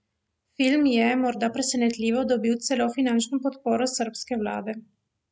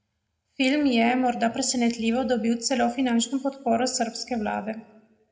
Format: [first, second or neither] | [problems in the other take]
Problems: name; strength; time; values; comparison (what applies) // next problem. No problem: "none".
first | room echo; dies away in 0.9 s